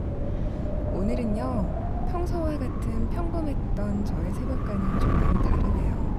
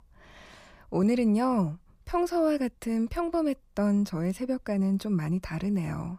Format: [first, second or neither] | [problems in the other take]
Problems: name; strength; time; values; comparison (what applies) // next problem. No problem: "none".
second | wind noise on the microphone; heavy; 1 dB above the speech